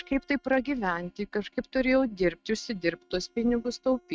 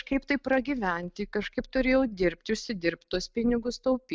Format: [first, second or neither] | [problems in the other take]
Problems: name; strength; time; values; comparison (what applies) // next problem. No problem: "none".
second | noise reduction (neural mask model RNNoise)